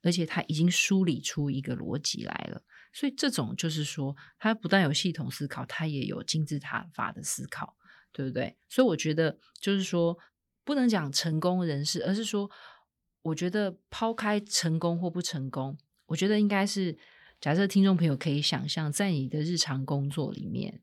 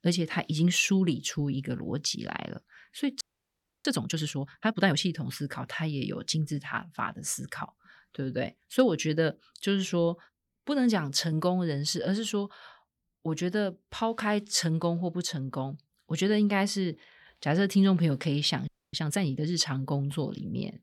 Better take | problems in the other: first | audio freezing; at 3 s for 0.5 s and at 19 s

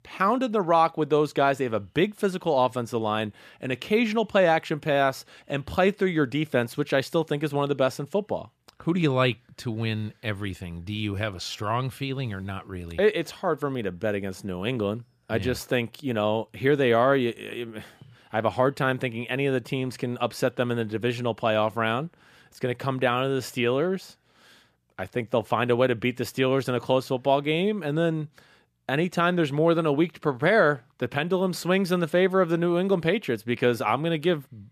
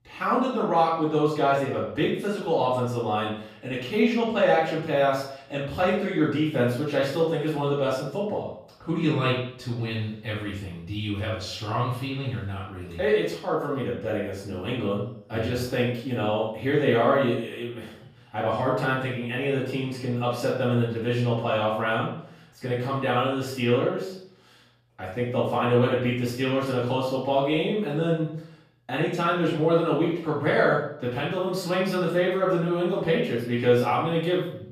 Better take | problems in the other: first | off-mic speech; far // room echo; noticeable; dies away in 0.5 s

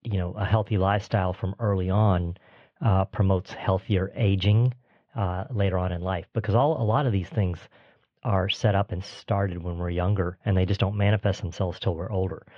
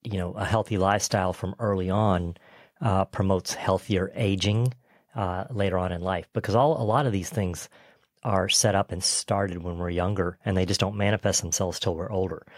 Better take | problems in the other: second | muffled; very; fading above 3.5 kHz

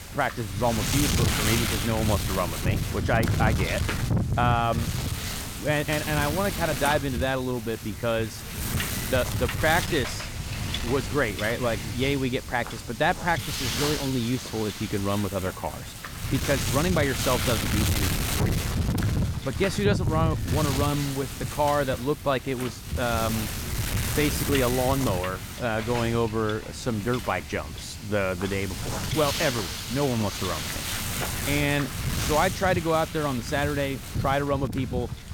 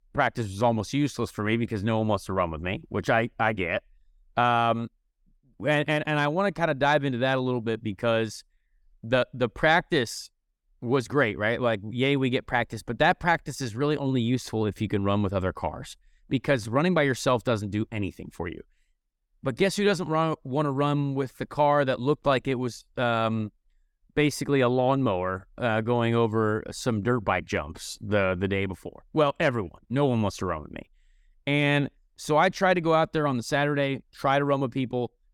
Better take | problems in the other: second | wind noise on the microphone; heavy; 5 dB below the speech

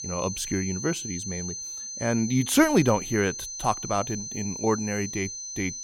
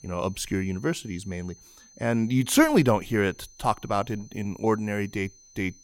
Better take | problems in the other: second | high-pitched whine; loud; throughout; 6 kHz, 7 dB below the speech; faint in the second

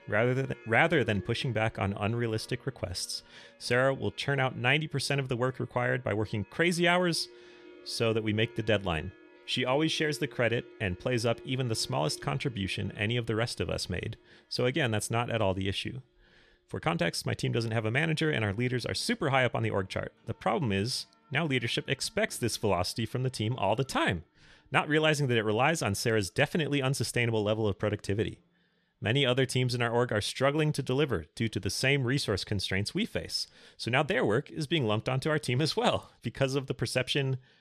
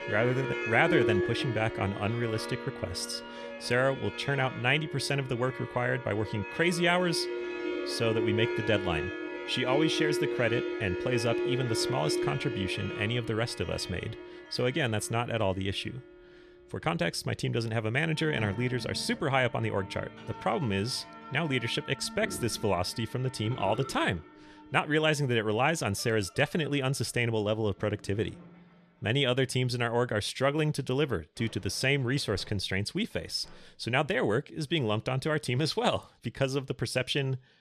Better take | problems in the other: first | background music; loud; throughout; 6 dB below the speech; faint in the first

